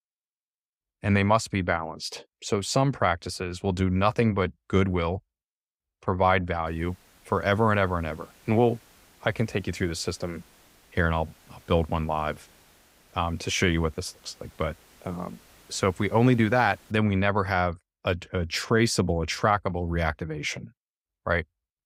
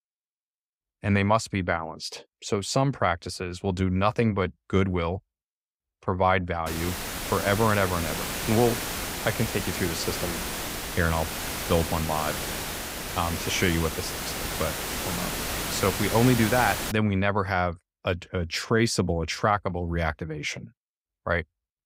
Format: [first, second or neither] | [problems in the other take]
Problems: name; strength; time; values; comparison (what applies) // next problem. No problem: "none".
first | hiss; loud; from 6.5 to 17 s; 4 dB below the speech; faint in the first